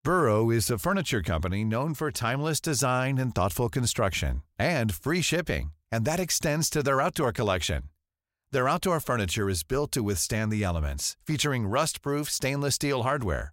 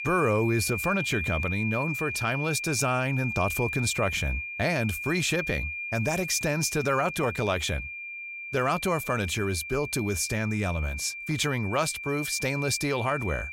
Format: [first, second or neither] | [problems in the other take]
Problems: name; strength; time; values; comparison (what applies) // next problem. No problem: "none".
first | high-pitched whine; loud; throughout; 2.5 kHz, 5 dB below the speech